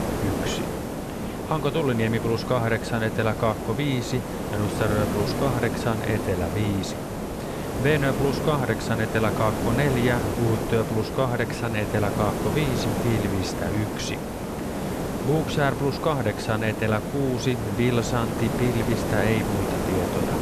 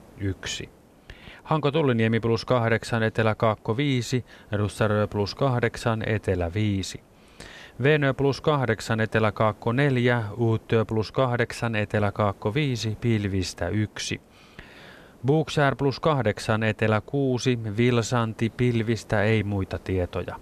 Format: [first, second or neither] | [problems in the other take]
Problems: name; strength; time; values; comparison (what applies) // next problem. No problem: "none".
second | hiss; loud; throughout; 3 dB below the speech; faint in the second